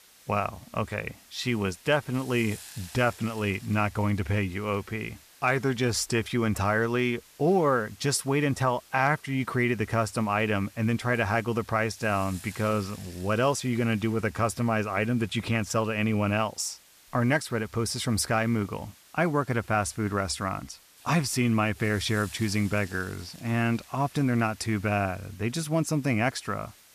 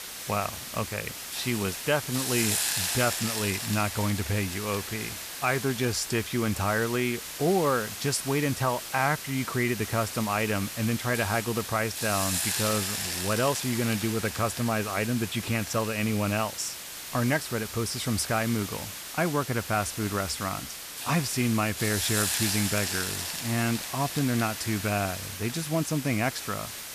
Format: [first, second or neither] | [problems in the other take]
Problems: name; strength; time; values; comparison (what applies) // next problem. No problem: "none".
first | hiss; loud; throughout; 4 dB below the speech; faint in the first